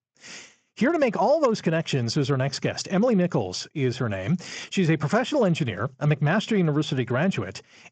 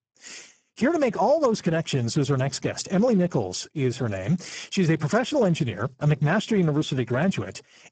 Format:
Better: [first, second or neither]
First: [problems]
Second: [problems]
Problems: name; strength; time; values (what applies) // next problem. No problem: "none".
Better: first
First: garbled, watery; slightly; nothing above 7.5 kHz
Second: garbled, watery; badly; nothing above 8 kHz